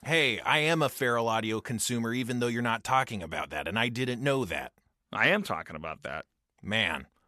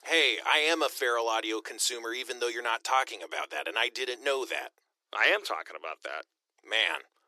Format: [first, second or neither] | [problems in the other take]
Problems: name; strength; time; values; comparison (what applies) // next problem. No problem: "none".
first | thin; very; fading below 300 Hz